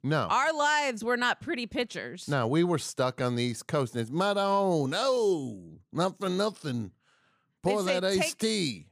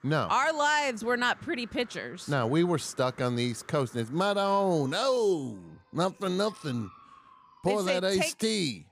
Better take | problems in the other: first | animal sounds; faint; throughout; 25 dB below the speech

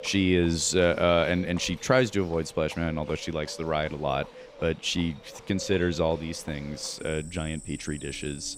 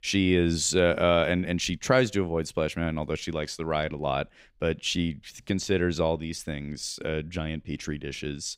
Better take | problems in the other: second | animal sounds; noticeable; throughout; 15 dB below the speech

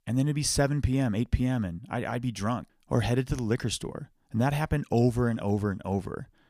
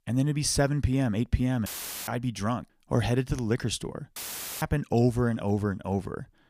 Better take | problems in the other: first | audio cutting out; filled with static; at 1.5 s and at 4 s

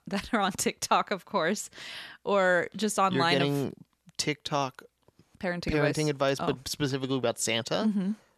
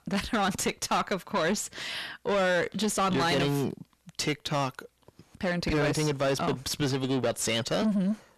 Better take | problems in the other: first | distortion; heavy; 8 dB below the speech

